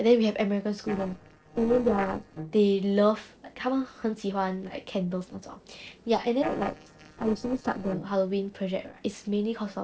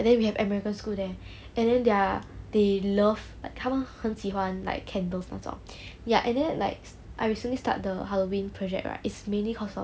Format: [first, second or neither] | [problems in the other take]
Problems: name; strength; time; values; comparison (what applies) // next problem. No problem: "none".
second | noise reduction (neural separator model SepFormer DNS4)